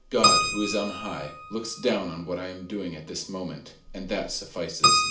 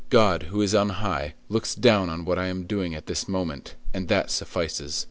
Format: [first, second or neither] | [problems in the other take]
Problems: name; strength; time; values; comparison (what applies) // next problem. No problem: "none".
second | background sound (Keyboard (musical)); 2 dB above the speech // room echo; dies away in 0.4 s